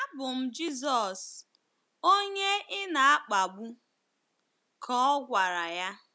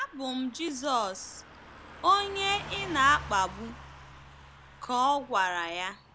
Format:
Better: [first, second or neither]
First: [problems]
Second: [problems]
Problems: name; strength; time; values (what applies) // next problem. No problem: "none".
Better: first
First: none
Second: background sound (Car passing by / Truck); 16 dB below the speech